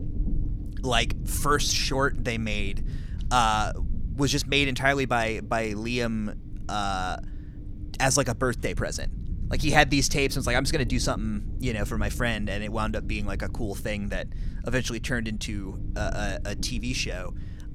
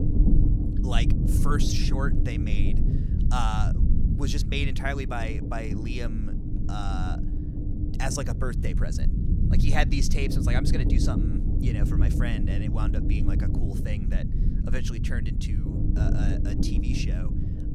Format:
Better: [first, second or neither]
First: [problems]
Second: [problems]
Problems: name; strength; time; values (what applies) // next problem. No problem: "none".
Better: first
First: low rumble; faint; throughout; 20 dB below the speech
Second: low rumble; loud; throughout; 4 dB below the speech